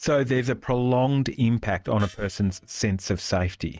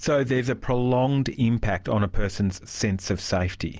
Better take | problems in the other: second | noise reduction (neural mask model RNNoise)

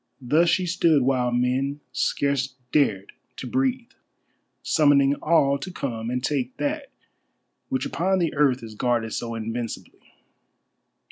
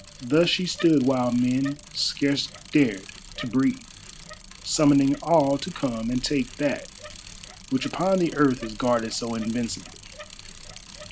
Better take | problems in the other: first | background sound (Bicycle); 17 dB below the speech

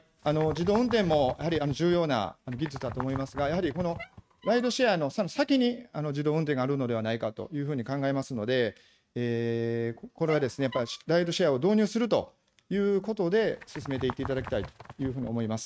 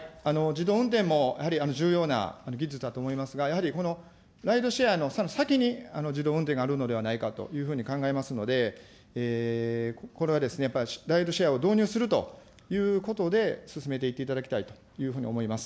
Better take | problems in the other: second | noise reduction (neural mask model RNNoise)

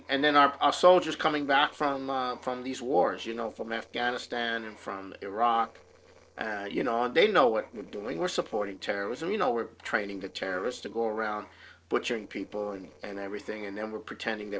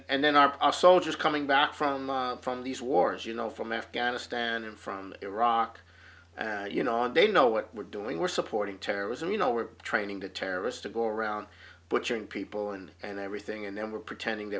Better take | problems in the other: second | noise reduction (neural separator model SepFormer DNS4)

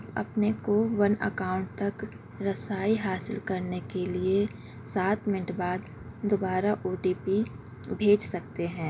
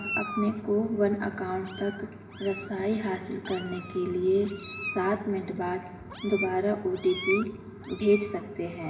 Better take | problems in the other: first | background sound (Meow); 11 dB below the speech // room echo; dies away in 2.6 s

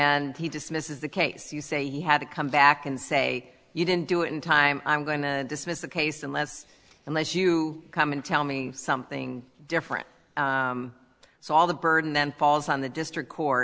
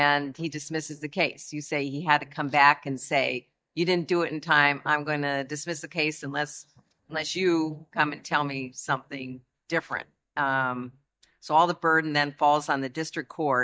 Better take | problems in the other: first | noise reduction (neural mask model DeepFilterNet 3)

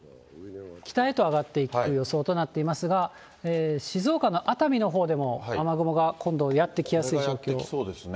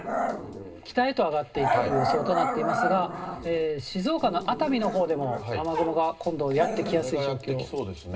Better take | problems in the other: first | background sound (Growling); 4 dB below the speech // room echo; dies away in 0.2 s

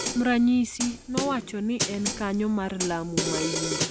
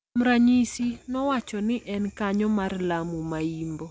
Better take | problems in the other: second | background sound (Snare drum); 5 dB below the speech

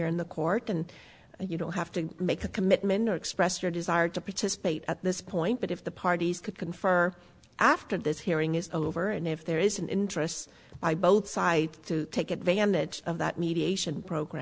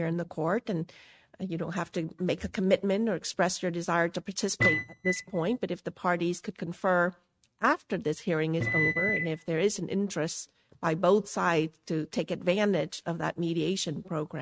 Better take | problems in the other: first | noise reduction (neural mask model RNNoise)

